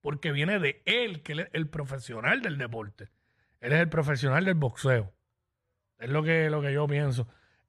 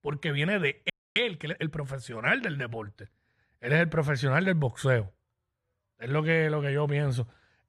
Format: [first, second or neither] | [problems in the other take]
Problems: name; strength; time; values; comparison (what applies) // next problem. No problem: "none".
first | audio freezing; at 1 s